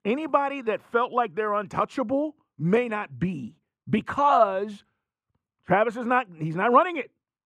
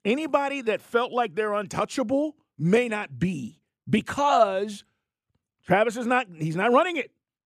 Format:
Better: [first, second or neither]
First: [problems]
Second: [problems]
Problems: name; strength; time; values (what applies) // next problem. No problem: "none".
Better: second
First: muffled; slightly; fading above 3.5 kHz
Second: none